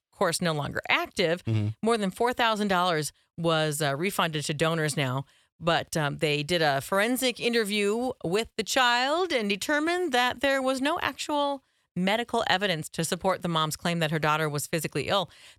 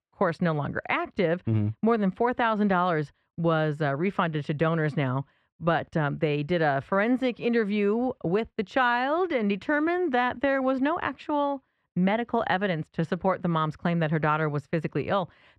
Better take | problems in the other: first | muffled; very; fading above 1.5 kHz

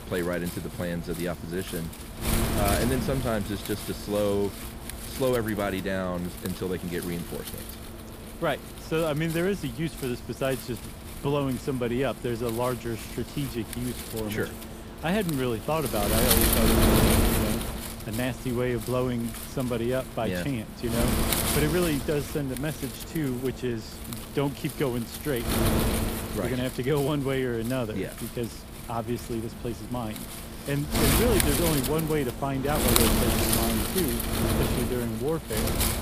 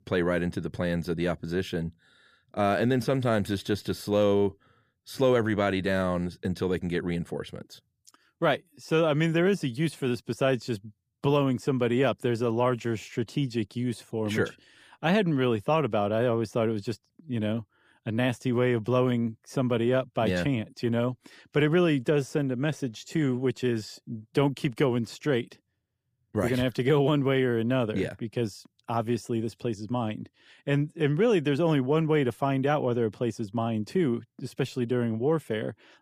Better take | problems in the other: second | wind noise on the microphone; heavy; 1 dB below the speech

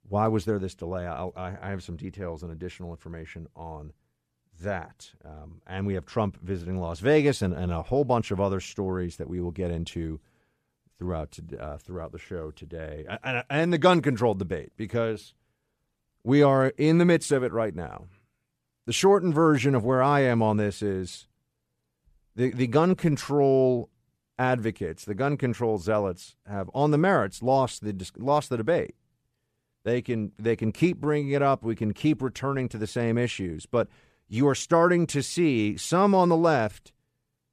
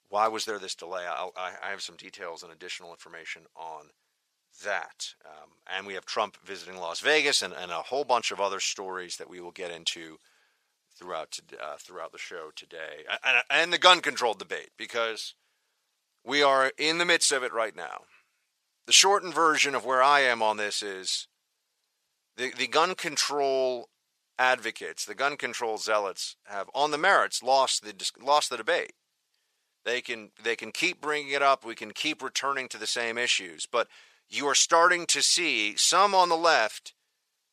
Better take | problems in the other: first | thin; very; fading below 800 Hz

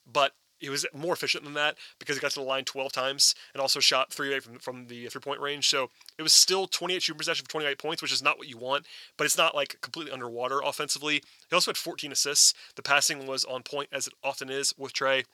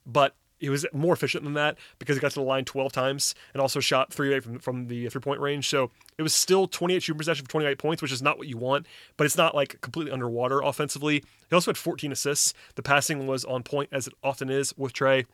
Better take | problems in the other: second | thin; somewhat; fading below 700 Hz

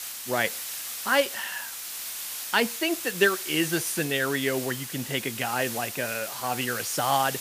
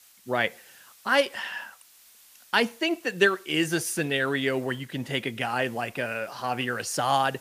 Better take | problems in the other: second | hiss; loud; throughout; 6 dB below the speech; faint in the second

